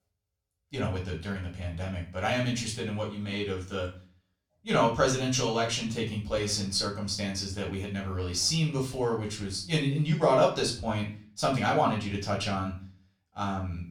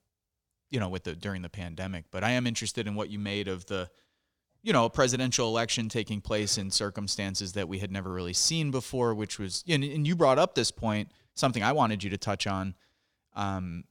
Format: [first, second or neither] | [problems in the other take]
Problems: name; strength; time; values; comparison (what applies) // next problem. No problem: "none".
second | off-mic speech; far // room echo; slight; dies away in 0.3 s